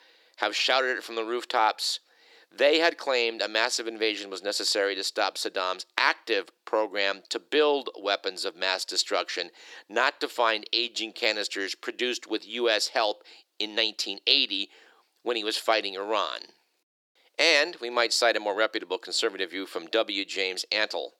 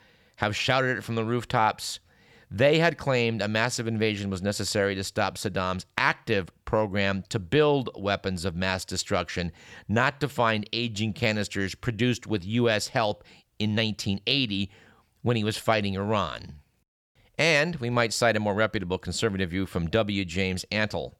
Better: second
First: thin; very; fading below 300 Hz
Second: none

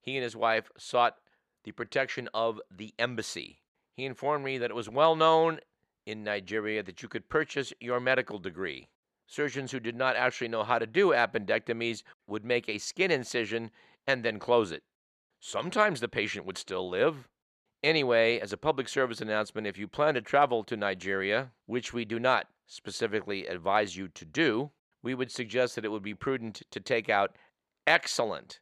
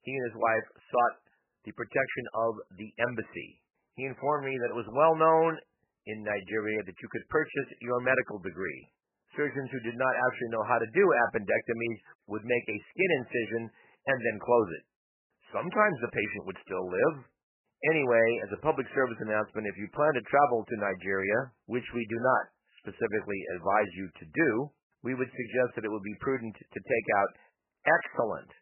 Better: first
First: none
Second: garbled, watery; badly; nothing above 3 kHz

